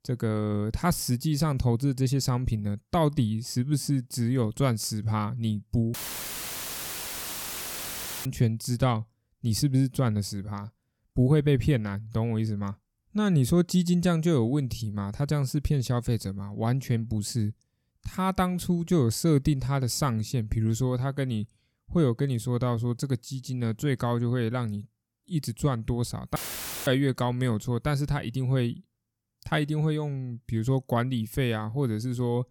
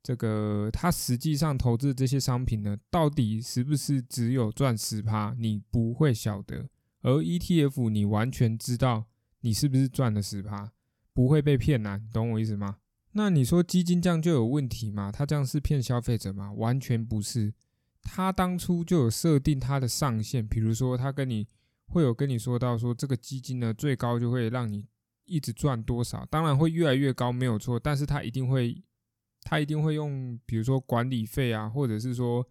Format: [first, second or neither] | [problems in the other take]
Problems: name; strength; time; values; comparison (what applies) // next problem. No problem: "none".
second | audio cutting out; filled with static; at 6 s for 2.5 s and at 26 s for 0.5 s